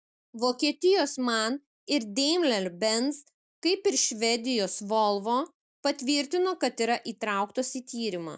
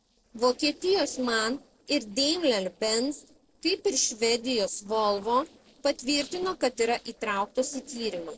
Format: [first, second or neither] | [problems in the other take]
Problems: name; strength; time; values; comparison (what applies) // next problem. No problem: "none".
first | noise reduction (neural separator model SepFormer DNS4)